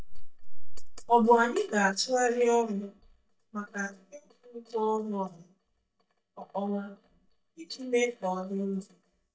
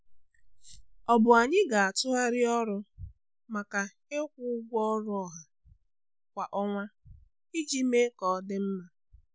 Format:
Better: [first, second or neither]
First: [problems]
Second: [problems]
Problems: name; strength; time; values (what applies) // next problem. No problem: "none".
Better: second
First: noise reduction (neural mask model DeepFilterNet 3)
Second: none